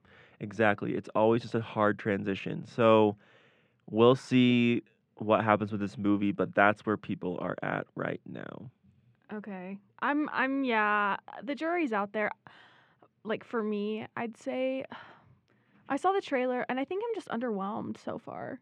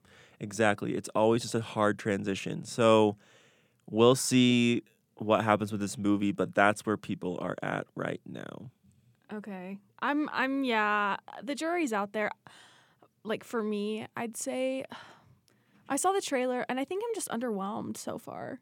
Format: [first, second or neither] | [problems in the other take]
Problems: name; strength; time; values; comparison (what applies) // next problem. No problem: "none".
second | muffled; very; fading above 2.5 kHz